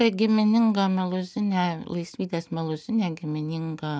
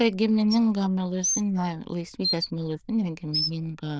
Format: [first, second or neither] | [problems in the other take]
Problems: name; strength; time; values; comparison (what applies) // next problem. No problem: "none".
first | noise reduction (neural diffusion model UNIVERSE++)